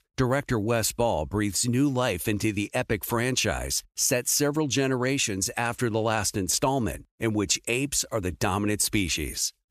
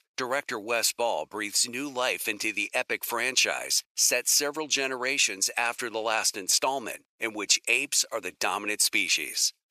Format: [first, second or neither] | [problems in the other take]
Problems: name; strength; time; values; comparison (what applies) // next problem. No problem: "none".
first | thin; somewhat; fading below 550 Hz